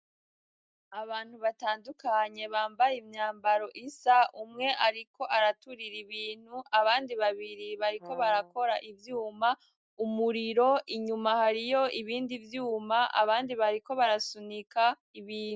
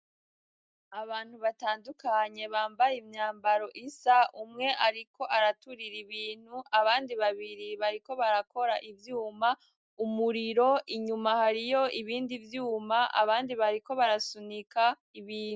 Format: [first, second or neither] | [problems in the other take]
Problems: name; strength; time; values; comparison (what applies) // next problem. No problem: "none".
second | background sound (Brass instrument); 19 dB below the speech